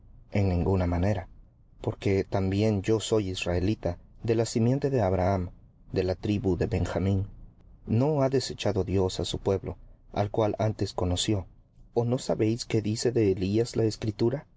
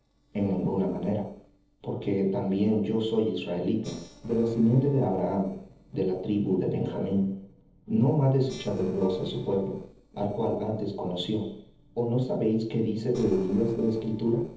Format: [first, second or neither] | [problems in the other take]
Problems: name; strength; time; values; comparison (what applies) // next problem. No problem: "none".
first | noise reduction (neural separator model SepFormer DNS4)